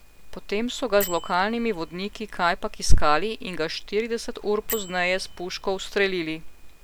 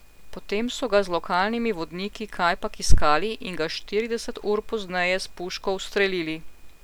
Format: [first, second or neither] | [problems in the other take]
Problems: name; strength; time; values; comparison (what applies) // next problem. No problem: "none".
second | background sound (Bell); 18 dB below the speech